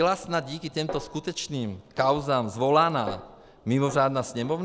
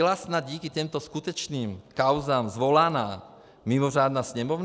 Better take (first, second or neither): second